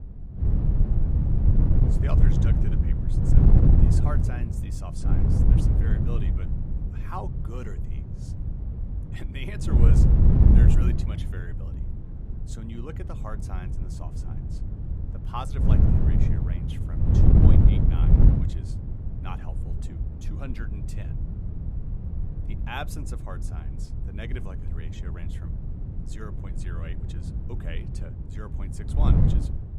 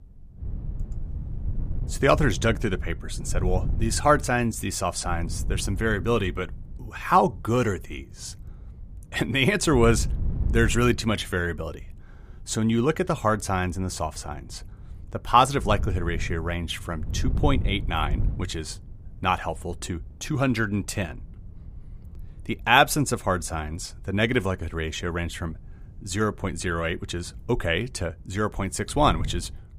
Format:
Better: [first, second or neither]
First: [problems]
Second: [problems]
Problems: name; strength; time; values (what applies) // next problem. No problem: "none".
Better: second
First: wind noise on the microphone; heavy; 4 dB above the speech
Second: wind noise on the microphone; occasional gusts; 25 dB below the speech